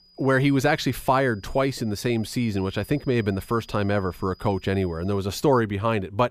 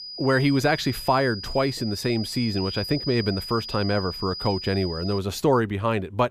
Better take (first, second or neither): first